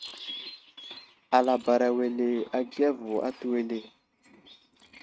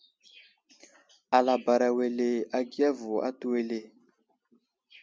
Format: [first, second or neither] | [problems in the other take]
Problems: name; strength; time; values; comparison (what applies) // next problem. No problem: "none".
second | noise reduction (neural mask model RNNoise)